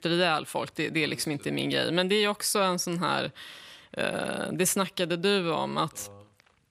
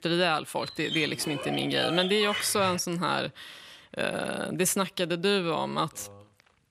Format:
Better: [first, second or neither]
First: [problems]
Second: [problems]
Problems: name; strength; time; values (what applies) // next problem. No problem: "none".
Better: first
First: none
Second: dog barking; noticeable; from 0.5 to 3 s; peak 3 dB below the speech